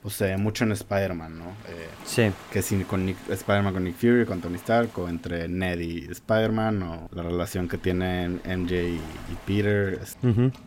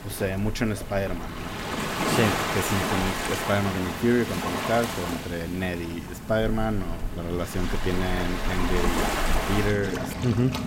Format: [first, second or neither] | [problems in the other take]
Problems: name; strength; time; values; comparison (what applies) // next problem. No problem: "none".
first | rain or running water; loud; throughout; 2 dB below the speech; faint in the first